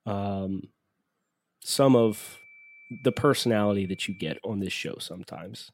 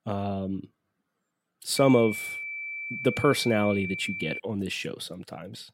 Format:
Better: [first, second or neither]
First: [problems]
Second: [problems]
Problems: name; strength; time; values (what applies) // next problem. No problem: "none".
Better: first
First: high-pitched whine; faint; from 2 to 4.5 s; 2.5 kHz, 25 dB below the speech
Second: high-pitched whine; loud; from 2 to 4.5 s; 2.5 kHz, 7 dB below the speech